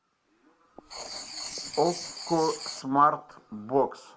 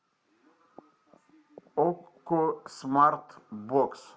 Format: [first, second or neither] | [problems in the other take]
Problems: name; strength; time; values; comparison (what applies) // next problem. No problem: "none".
second | background sound (Writing); 12 dB below the speech